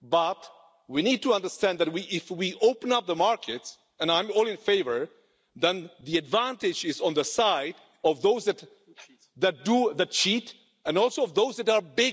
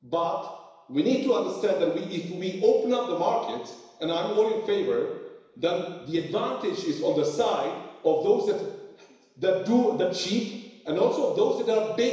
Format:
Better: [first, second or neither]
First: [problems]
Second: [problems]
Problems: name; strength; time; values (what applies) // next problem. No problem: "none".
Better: first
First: none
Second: room echo; dies away in 1 s